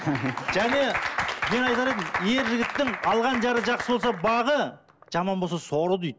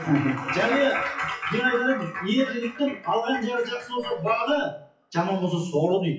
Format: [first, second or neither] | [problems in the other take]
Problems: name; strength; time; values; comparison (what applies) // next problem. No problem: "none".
first | noise reduction (classical method WPE with log-MMSE)